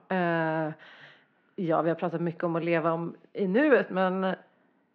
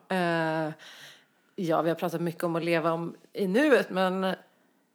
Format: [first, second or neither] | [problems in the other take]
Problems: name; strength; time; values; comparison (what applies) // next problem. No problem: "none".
second | muffled; slightly; fading above 2.5 kHz